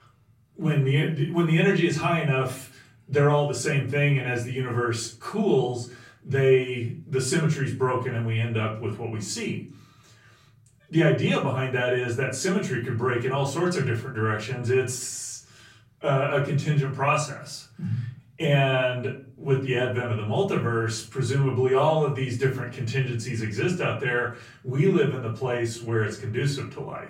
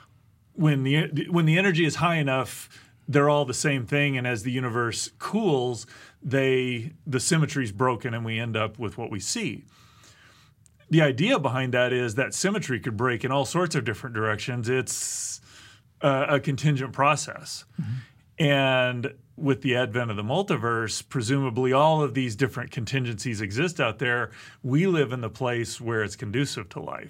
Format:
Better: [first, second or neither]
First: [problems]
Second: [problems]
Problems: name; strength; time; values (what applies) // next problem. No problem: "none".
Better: second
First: off-mic speech; far // room echo; slight; dies away in 0.4 s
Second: none